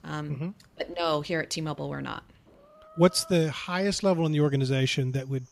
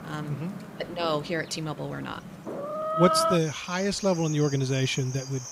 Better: first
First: animal sounds; faint; throughout; 30 dB below the speech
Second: animal sounds; loud; throughout; 5 dB below the speech

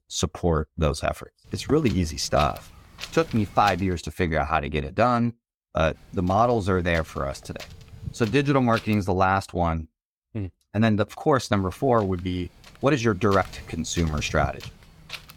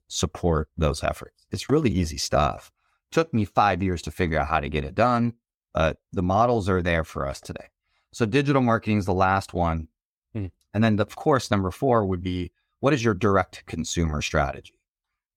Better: second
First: wind noise on the microphone; occasional gusts; from 1.5 to 4 s, from 6 to 9 s and from 12 s on; 15 dB below the speech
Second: none

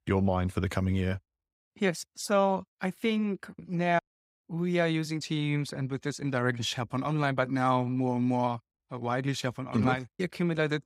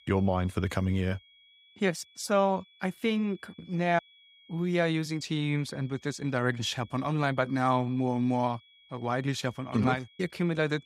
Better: first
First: none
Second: high-pitched whine; faint; throughout; 3.5 kHz, 25 dB below the speech

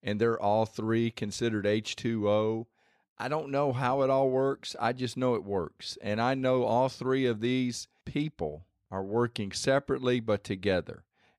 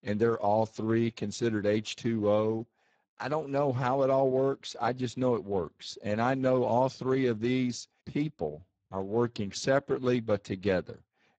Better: first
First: none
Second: garbled, watery; badly; nothing above 7.5 kHz

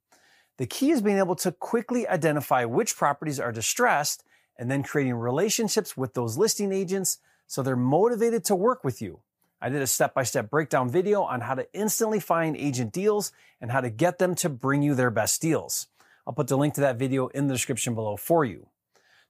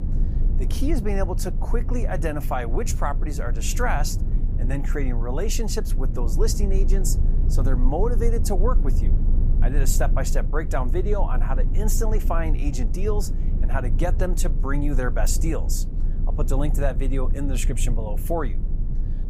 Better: first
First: none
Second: low rumble; noticeable; throughout; 10 dB below the speech

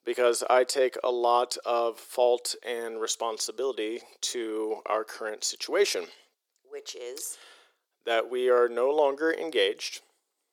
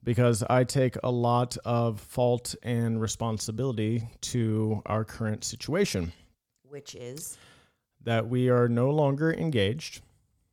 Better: second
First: thin; very; fading below 350 Hz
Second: none

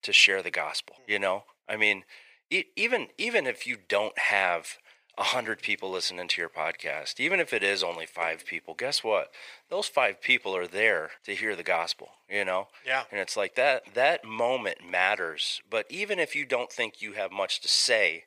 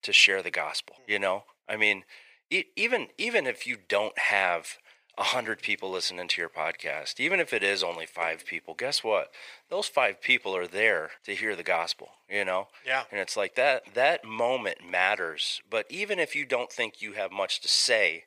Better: neither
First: thin; very; fading below 550 Hz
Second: thin; very; fading below 550 Hz

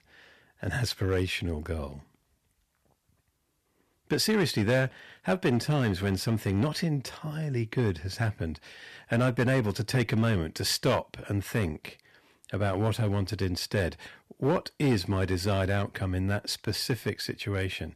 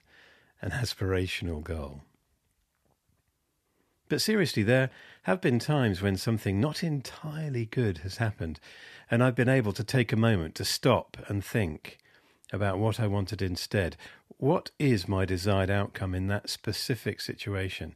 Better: second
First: distortion; slight; 3% of the sound clipped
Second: none

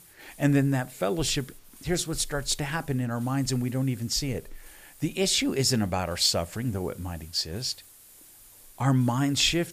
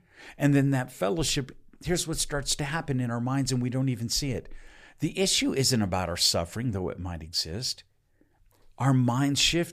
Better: second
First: hiss; faint; throughout; 25 dB below the speech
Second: none

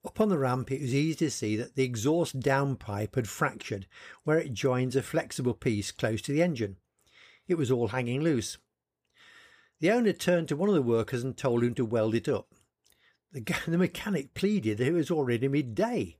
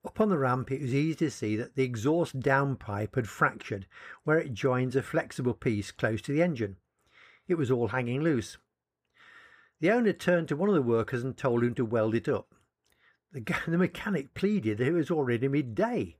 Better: first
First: none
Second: muffled; slightly; fading above 3 kHz

